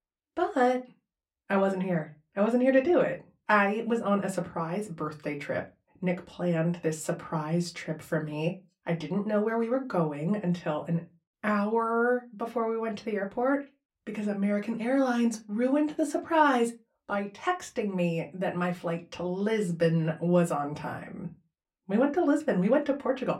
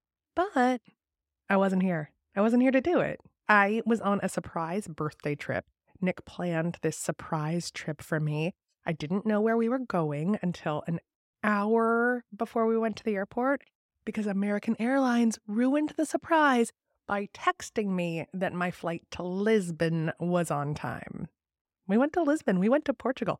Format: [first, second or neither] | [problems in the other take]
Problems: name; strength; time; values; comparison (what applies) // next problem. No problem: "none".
second | off-mic speech; far // room echo; very slight; dies away in 0.2 s